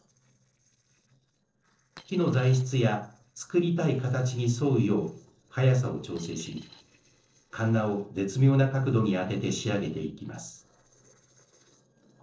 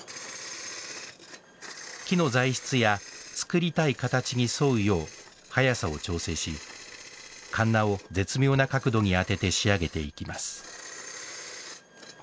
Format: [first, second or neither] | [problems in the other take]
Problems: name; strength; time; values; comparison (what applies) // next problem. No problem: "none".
second | noise reduction (neural separator model SepFormer DNS4)